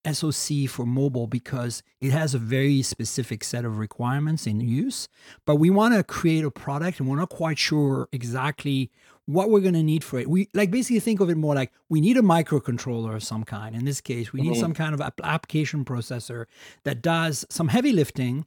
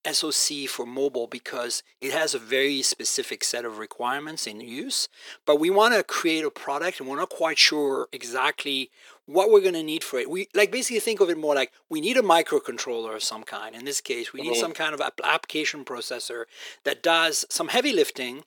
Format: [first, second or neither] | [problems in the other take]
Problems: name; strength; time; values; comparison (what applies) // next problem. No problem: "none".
first | thin; very; fading below 400 Hz